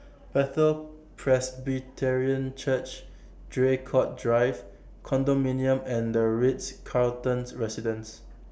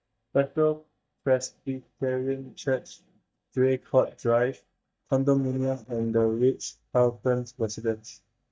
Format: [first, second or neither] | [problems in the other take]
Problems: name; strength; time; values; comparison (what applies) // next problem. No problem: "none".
first | noise reduction (neural mask model DeepFilterNet 3)